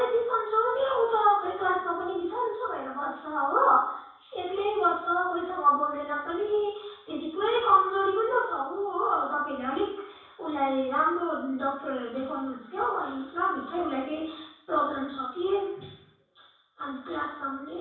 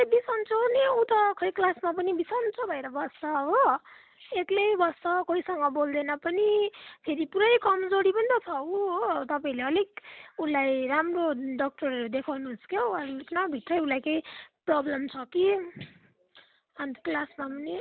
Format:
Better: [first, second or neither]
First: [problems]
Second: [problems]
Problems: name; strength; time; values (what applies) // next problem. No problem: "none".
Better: second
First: room echo; dies away in 0.7 s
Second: none